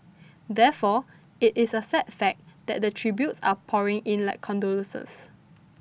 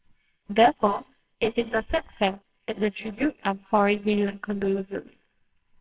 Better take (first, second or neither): first